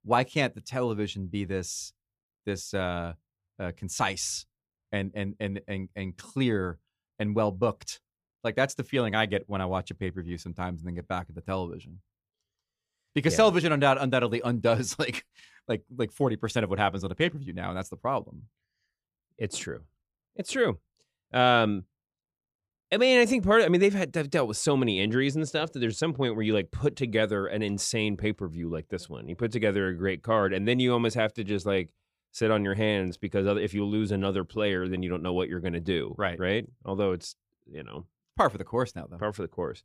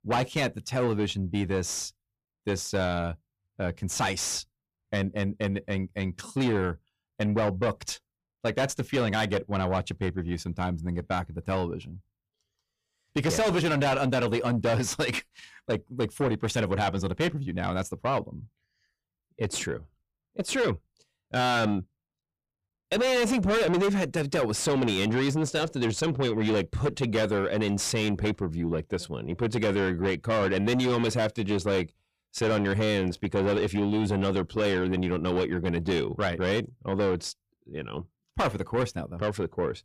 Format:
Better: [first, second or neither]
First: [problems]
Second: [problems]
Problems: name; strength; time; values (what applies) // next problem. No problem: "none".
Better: first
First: none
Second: distortion; heavy; 6 dB below the speech